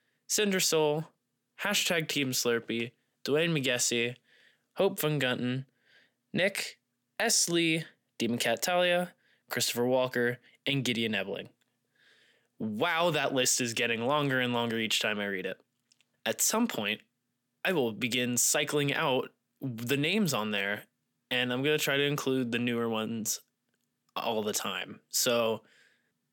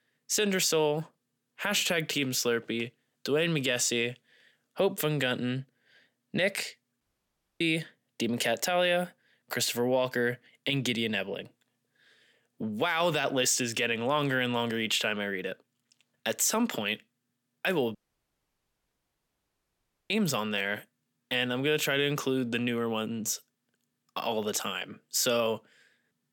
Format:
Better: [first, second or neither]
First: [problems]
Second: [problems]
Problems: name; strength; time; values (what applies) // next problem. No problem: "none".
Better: first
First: none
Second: audio cutting out; at 7 s for 0.5 s and at 18 s for 2 s